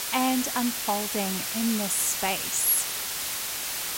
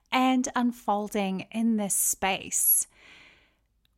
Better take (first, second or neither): second